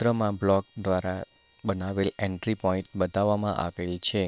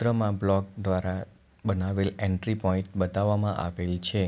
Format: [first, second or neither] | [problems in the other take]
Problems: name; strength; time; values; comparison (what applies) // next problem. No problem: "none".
second | noise reduction (neural separator model SepFormer WHAM!)